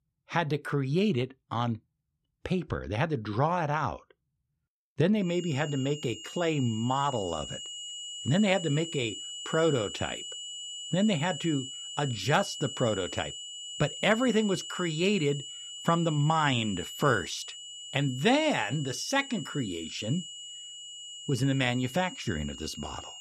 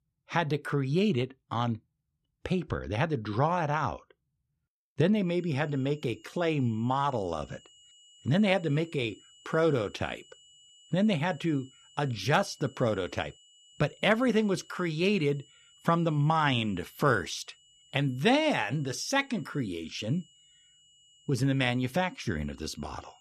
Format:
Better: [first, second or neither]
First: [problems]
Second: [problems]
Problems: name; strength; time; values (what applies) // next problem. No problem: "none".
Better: second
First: high-pitched whine; loud; from 5.5 s on; 3 kHz, 9 dB below the speech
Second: high-pitched whine; faint; from 5.5 s on; 3 kHz, 25 dB below the speech